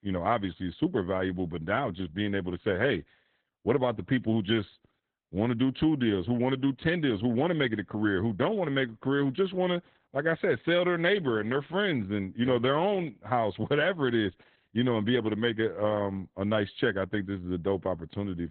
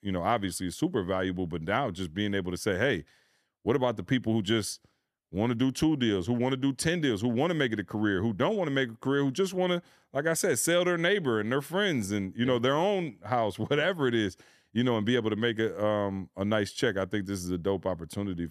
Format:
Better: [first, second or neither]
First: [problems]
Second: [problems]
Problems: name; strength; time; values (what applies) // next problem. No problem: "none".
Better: second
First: garbled, watery; badly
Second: none